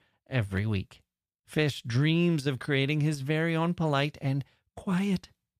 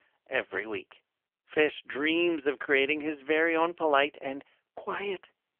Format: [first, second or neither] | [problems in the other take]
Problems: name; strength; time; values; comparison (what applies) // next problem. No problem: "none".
first | phone-call audio; poor line; nothing above 3 kHz